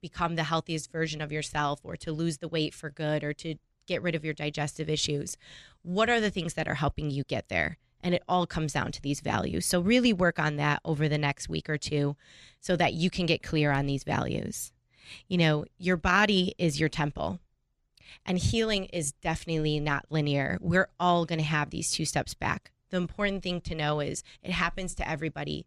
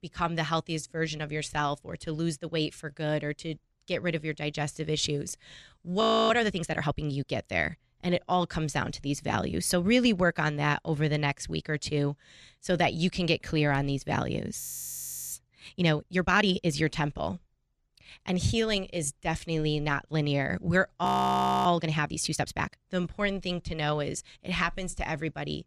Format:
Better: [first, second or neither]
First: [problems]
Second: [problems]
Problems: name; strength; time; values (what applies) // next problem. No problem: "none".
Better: first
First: none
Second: audio freezing; at 6 s, at 15 s for 0.5 s and at 21 s for 0.5 s